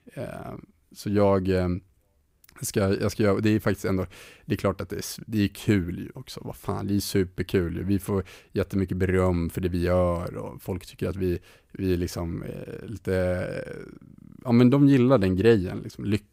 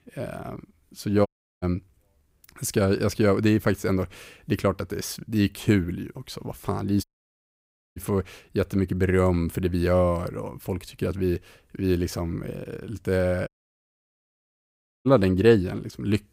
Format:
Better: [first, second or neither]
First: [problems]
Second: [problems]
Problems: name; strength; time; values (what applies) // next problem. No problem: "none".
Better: first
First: none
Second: audio cutting out; at 1.5 s, at 7 s for 1 s and at 13 s for 1.5 s